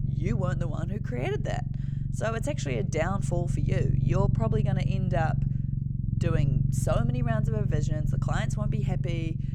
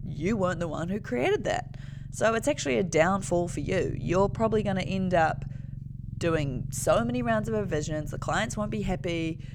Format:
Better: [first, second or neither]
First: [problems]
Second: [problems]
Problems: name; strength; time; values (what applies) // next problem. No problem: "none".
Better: second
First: low rumble; loud; throughout; 5 dB below the speech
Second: low rumble; faint; throughout; 20 dB below the speech